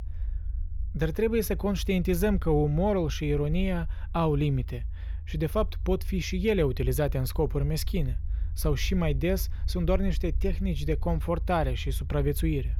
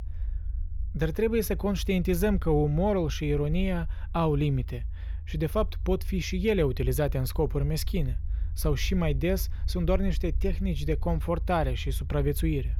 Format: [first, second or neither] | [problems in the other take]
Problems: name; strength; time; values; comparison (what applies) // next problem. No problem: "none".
neither | low rumble; faint; throughout; 25 dB below the speech; the same in both